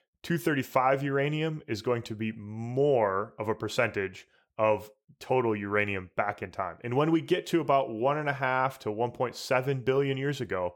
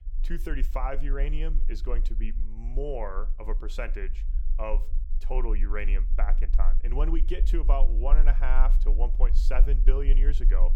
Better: first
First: none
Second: low rumble; noticeable; throughout; 15 dB below the speech

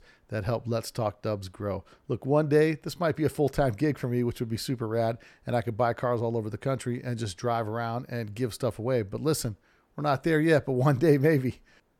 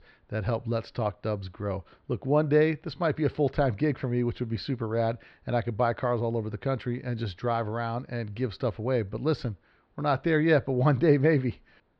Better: first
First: none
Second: muffled; very slightly; fading above 4 kHz

